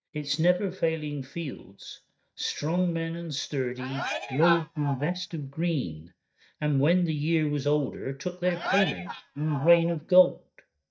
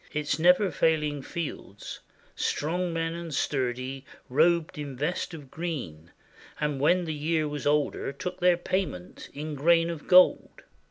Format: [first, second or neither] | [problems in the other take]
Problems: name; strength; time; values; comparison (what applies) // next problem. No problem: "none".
second | noise reduction (neural mask model DeepFilterNet 3)